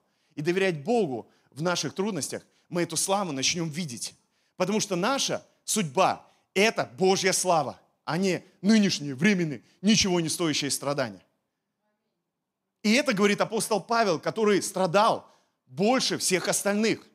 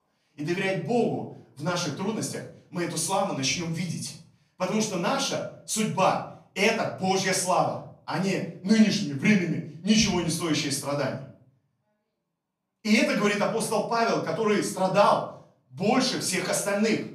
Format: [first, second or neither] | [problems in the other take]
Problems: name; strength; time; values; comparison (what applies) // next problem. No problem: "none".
first | off-mic speech; far // room echo; slight; dies away in 0.5 s